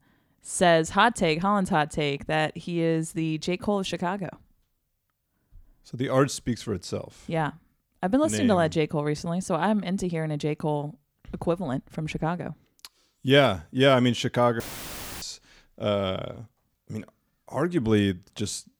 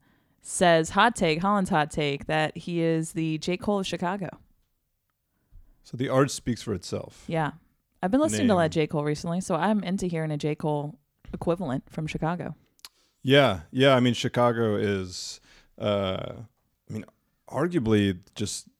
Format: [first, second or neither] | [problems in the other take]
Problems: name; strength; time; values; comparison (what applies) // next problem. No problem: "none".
second | audio cutting out; filled with static; at 15 s for 0.5 s